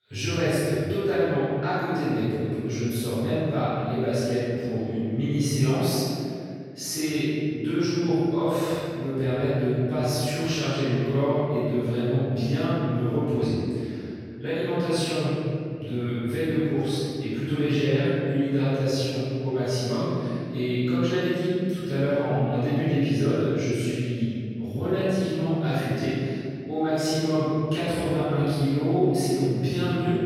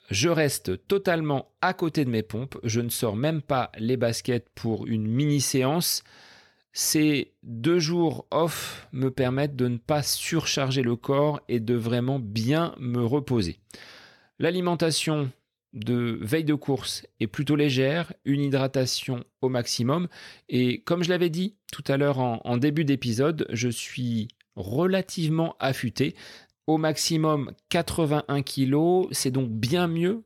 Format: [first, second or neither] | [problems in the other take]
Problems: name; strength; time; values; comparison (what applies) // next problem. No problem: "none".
second | off-mic speech; far // room echo; strong; dies away in 2.4 s